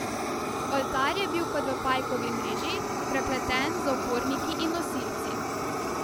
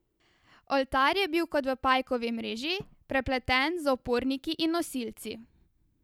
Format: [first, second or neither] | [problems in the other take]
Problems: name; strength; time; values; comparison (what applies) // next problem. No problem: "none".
second | background sound (Fire); 1 dB above the speech